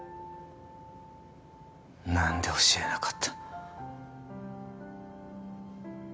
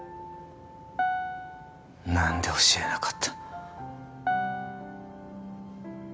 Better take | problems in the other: first | background sound (Piano); 2 dB below the speech

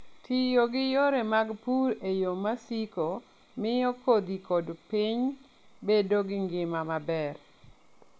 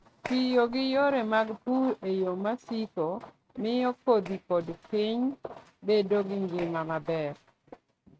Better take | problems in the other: first | noise reduction (neural mask model RNNoise)

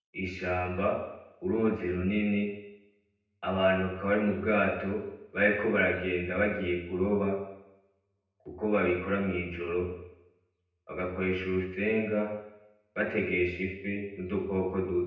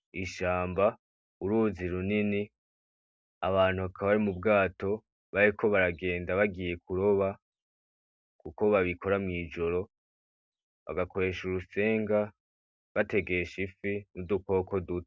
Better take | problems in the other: second | room echo; dies away in 0.9 s

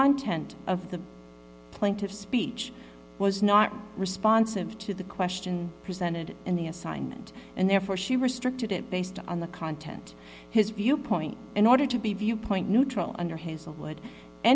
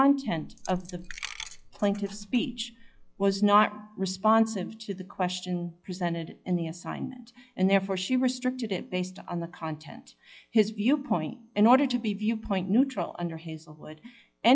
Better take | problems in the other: first | noise reduction (classical method log-MMSE)

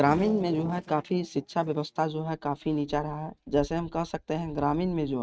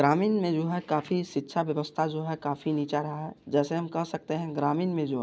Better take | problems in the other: second | noise reduction (neural mask model RNNoise)

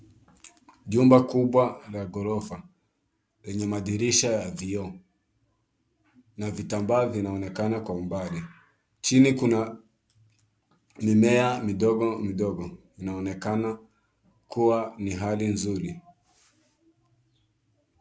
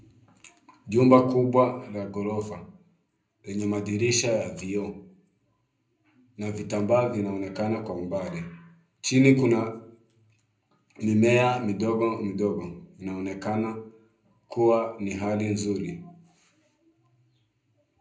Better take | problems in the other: first | room echo; dies away in 0.4 s

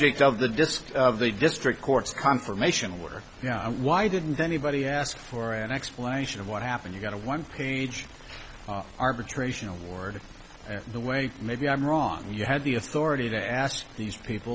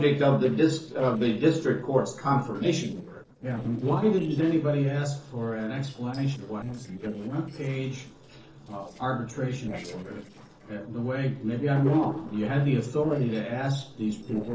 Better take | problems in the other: first | noise reduction (neural separator model SepFormer DNS4)

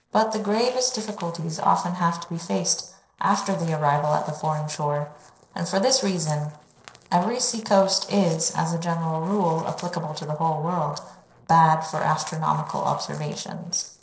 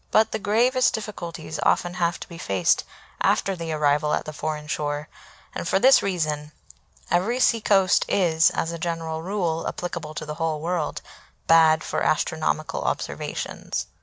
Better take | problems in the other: second | noise reduction (neural separator model SepFormer DNS4)

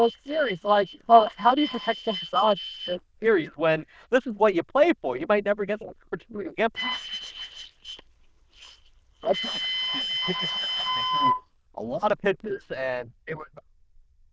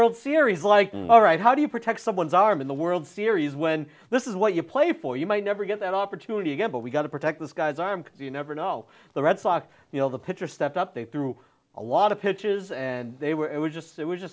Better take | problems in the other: second | noise reduction (neural diffusion model UNIVERSE++)

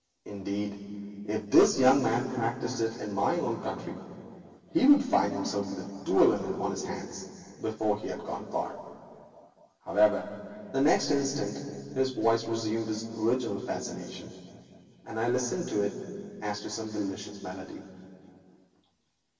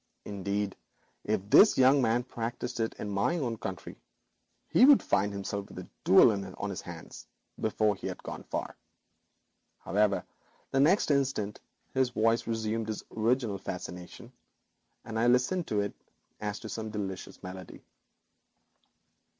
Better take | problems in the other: second | room echo; dies away in 2.5 s

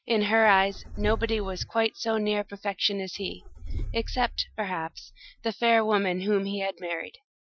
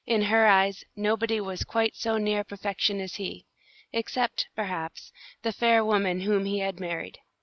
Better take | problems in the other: second | noise reduction (classical method Wiener filter)

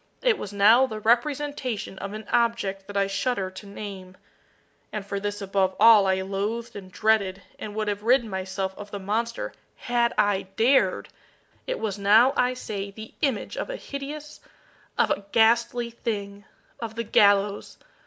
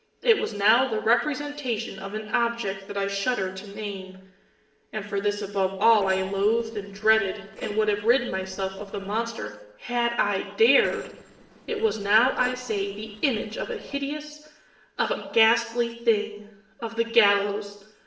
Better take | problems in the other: first | noise reduction (neural separator model SepFormer DNS4)

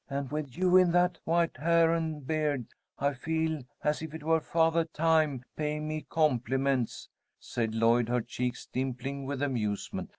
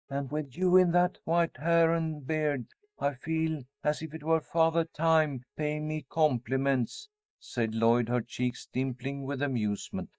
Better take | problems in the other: first | noise reduction (neural mask model DeepFilterNet 3)

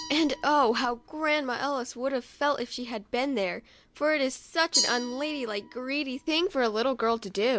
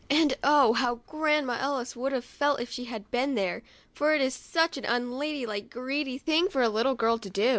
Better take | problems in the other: second | background sound (Glass); 11 dB below the speech

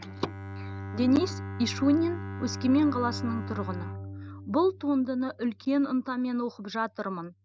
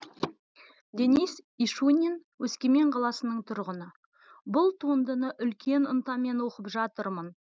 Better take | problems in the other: second | background sound (Bowed string instrument); 10 dB below the speech

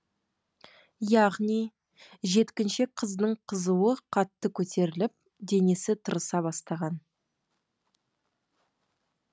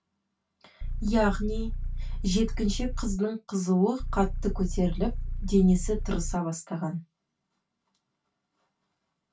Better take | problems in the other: first | background sound (Idling / Car); 1 dB below the speech // room echo; dies away in 0.1 s

